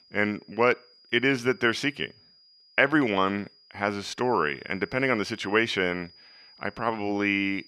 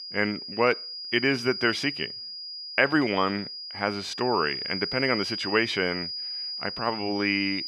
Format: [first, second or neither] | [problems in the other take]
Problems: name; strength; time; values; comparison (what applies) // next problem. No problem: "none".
first | high-pitched whine; loud; throughout; 5 kHz, 6 dB below the speech; faint in the first